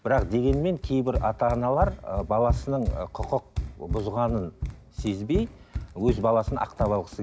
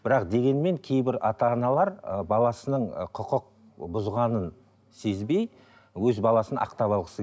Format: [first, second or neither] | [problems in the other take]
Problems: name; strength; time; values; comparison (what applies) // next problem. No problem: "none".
second | background sound (Run); 6 dB below the speech